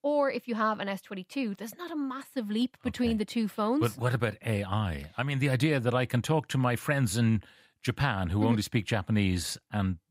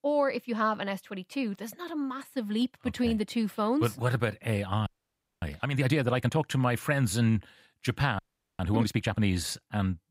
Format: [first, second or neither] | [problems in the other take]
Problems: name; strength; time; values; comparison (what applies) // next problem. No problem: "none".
first | audio freezing; at 5 s for 0.5 s and at 8 s